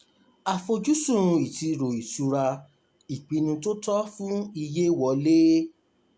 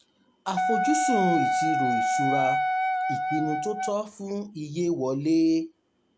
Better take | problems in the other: first | background sound (Wind instrument, woodwind instrument); 3 dB above the speech

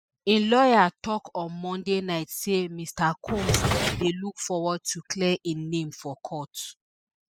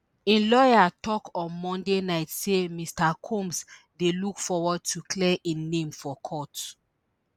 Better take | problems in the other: second | noise reduction (classical method spectral subtraction)

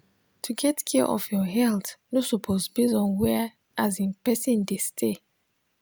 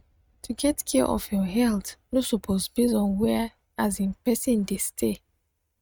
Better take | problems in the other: first | noise reduction (neural mask model RNNoise)

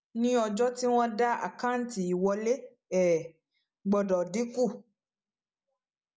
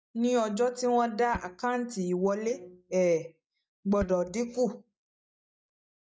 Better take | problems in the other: first | noise reduction (neural mask model DeepFilterNet 3)

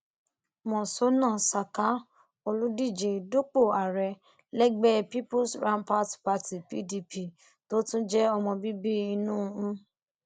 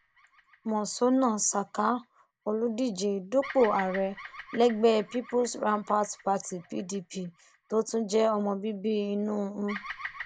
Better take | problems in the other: first | background sound (Bird vocalization, bird call, bird song); 18 dB below the speech

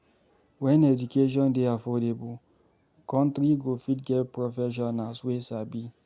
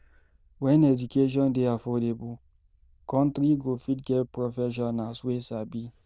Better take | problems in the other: first | noise reduction (neural diffusion model UNIVERSE++)

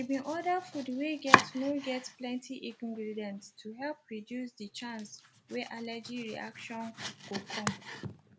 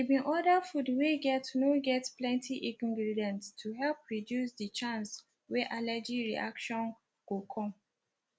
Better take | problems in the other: second | background sound (Domestic sounds, home sounds); 1 dB above the speech

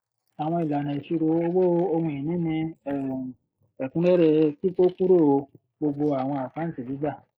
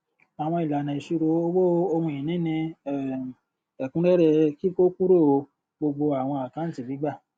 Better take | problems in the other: second | noise reduction (neural mask model Resemble Enhance denoiser)

